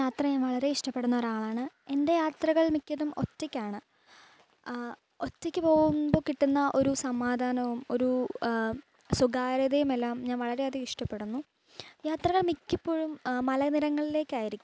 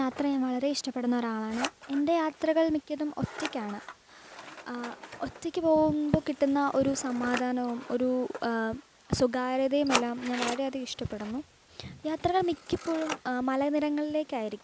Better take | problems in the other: first | background sound (Scissors); 13 dB below the speech

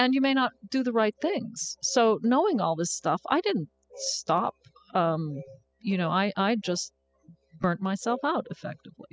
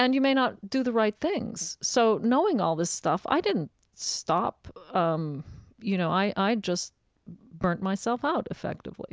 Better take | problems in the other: second | noise reduction (classical method spectral subtraction)

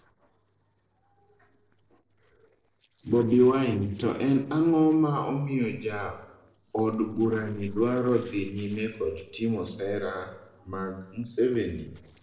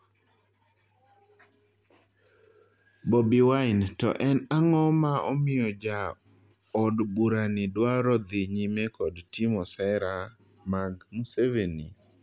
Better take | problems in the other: second | noise reduction (neural separator model SepFormer DNS4)

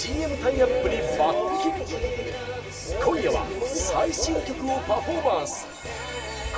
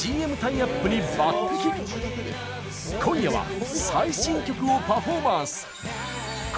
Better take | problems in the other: second | room echo; dies away in 2.6 s

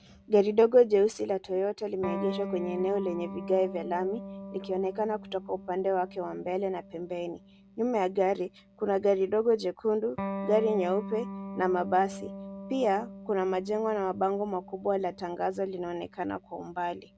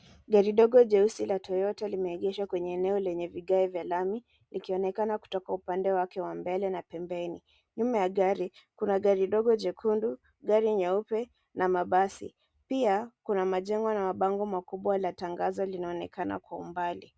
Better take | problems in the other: second | background sound (Electric guitar); 12 dB below the speech

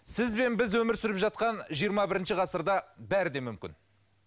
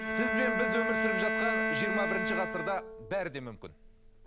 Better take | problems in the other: first | background sound (Bowed string instrument); 3 dB above the speech

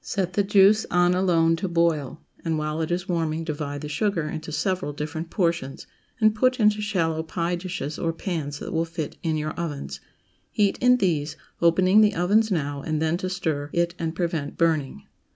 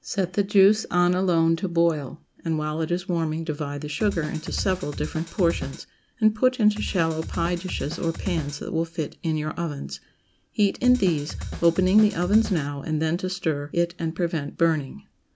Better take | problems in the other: first | background sound (Drum kit); 10 dB below the speech

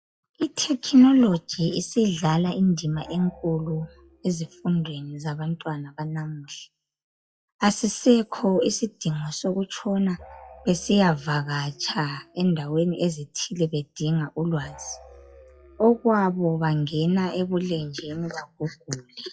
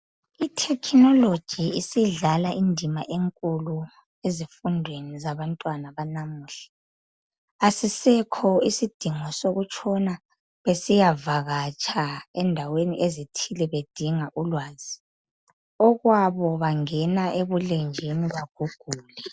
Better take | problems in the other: second | noise reduction (classical method WPE with log-MMSE)

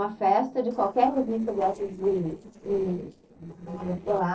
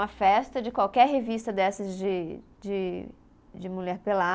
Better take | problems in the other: second | noise reduction (neural separator model SepFormer DNS4)

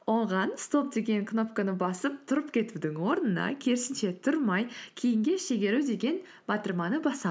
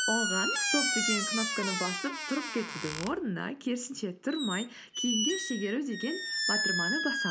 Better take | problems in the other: first | background sound (Squeak); 1 dB above the speech

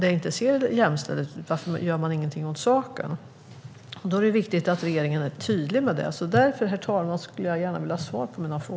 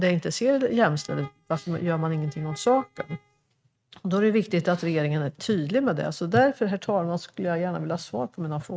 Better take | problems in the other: first | noise reduction (neural mask model RNNoise)

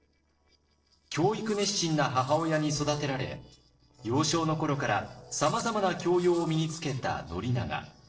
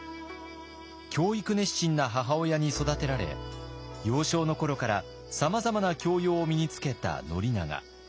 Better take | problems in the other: second | noise reduction (neural separator model SepFormer DNS4)

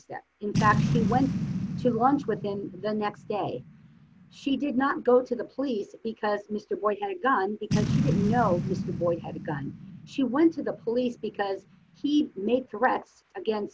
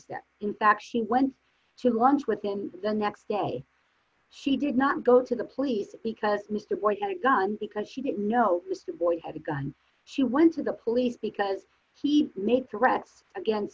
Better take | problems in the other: second | background sound (Boom); 5 dB below the speech

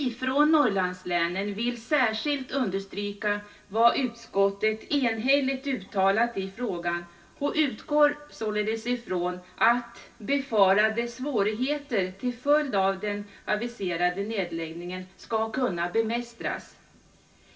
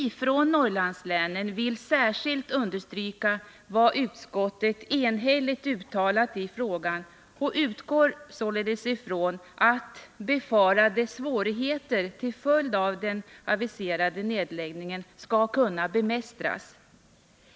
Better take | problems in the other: second | room echo; dies away in 0.2 s

